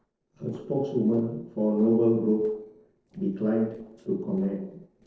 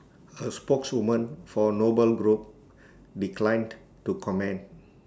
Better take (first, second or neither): second